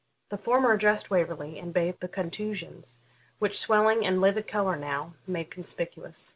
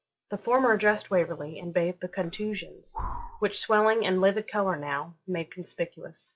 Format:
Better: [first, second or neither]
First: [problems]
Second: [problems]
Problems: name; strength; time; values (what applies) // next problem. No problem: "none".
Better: first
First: none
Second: noise reduction (classical method log-MMSE)